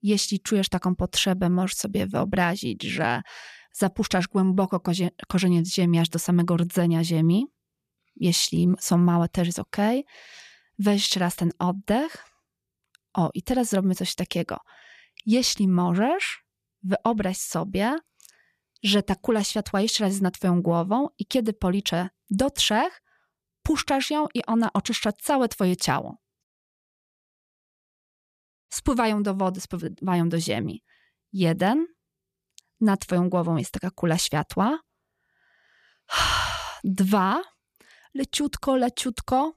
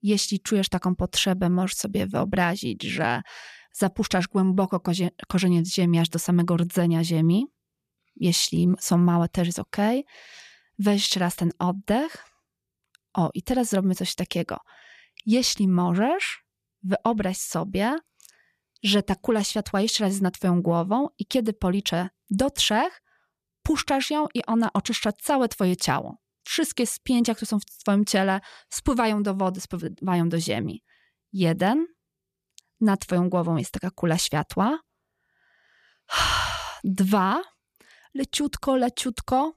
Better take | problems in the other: second | audio cutting out; at 26 s for 2.5 s

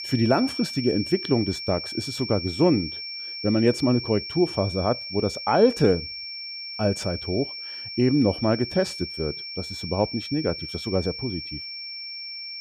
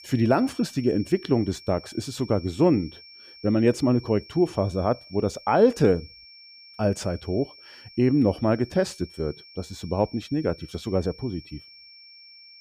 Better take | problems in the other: second | high-pitched whine; loud; throughout; 5.5 kHz, 8 dB below the speech; faint in the second

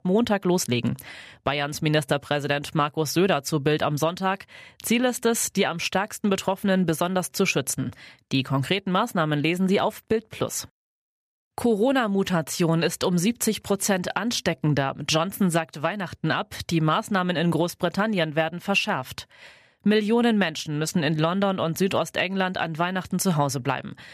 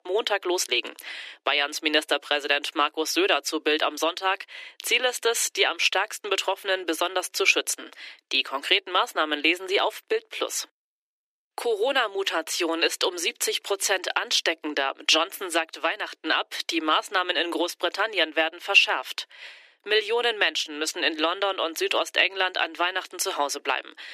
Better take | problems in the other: first | thin; very; fading below 300 Hz

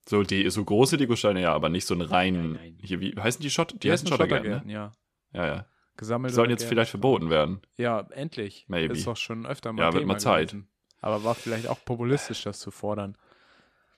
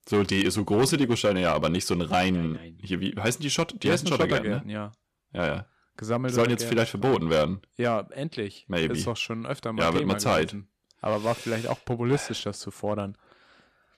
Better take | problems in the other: first | distortion; slight; 3% of the sound clipped

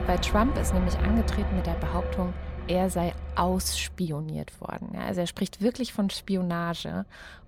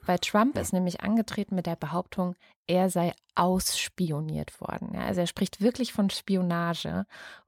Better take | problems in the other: second | traffic noise; loud; throughout; 3 dB below the speech

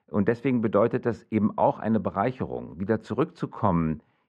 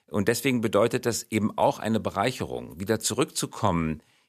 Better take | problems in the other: second | muffled; very; fading above 1.5 kHz

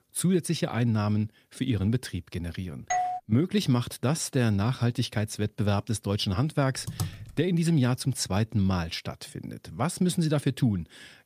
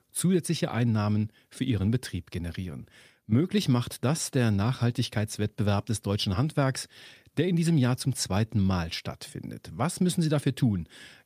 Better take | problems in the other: second | doorbell; noticeable; at 3 s; peak 1 dB below the speech // keyboard typing; noticeable; at 7 s; peak 7 dB below the speech

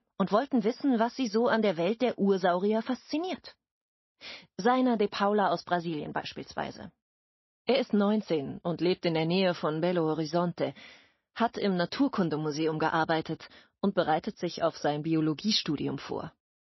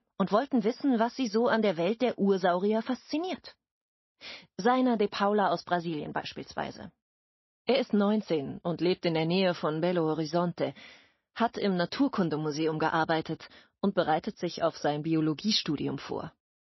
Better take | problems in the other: neither | garbled, watery; slightly; nothing above 5.5 kHz; the same in both

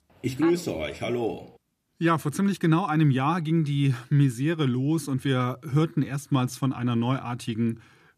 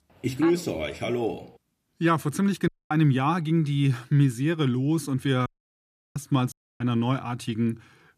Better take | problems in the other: first | audio cutting out; at 2.5 s, at 5.5 s for 0.5 s and at 6.5 s

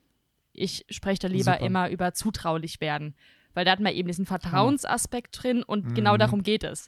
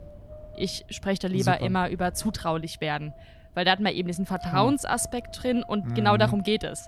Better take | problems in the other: first | wind noise on the microphone; occasional gusts; 20 dB below the speech

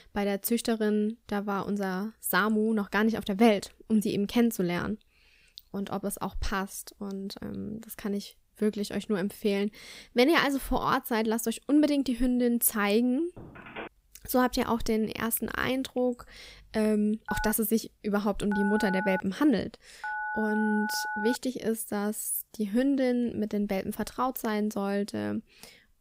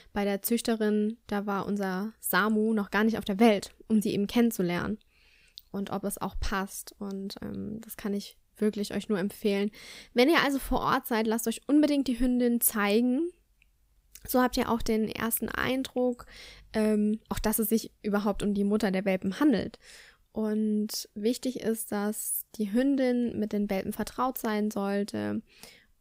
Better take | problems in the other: second | phone ringing; faint; at 13 s; peak 15 dB below the speech // phone ringing; noticeable; from 17 to 21 s; peak 4 dB below the speech

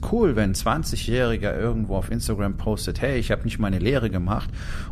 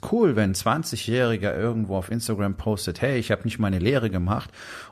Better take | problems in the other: second | low rumble; faint; throughout; 20 dB below the speech

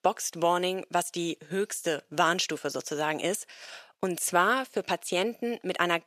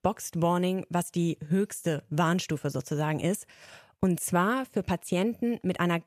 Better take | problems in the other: second | thin; somewhat; fading below 400 Hz

